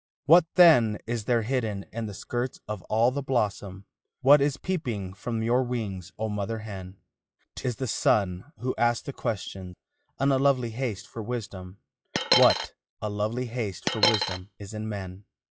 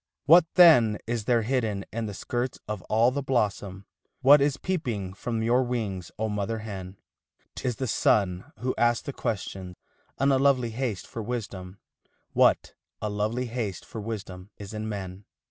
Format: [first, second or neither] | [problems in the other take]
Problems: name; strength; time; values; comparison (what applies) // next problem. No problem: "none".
second | noise reduction (classical method log-MMSE)